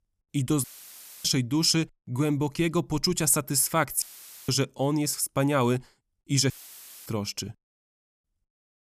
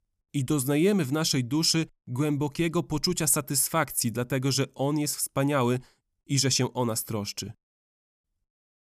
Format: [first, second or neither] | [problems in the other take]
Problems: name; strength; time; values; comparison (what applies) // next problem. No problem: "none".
second | audio cutting out; filled with static; at 0.5 s for 0.5 s, at 4 s and at 6.5 s for 0.5 s